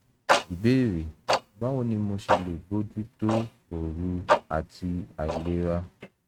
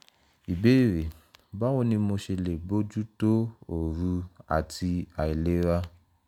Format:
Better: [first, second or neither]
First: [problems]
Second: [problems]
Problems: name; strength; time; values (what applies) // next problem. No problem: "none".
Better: second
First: noise reduction (neural mask model RNNoise)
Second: none